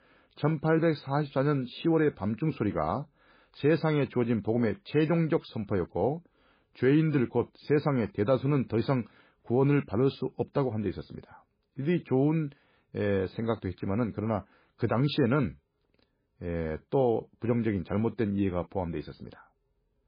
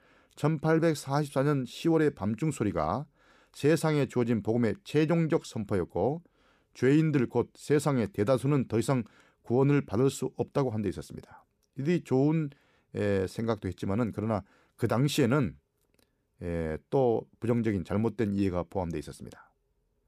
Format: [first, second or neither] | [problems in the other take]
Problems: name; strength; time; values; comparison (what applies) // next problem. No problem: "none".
second | garbled, watery; badly; nothing above 4 kHz